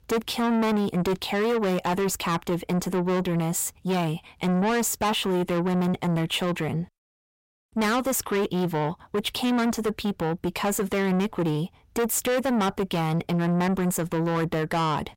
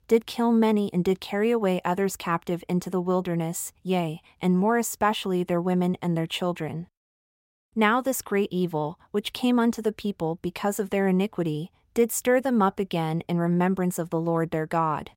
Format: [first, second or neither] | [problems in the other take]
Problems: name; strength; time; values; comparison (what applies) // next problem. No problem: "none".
second | distortion; heavy; 6 dB below the speech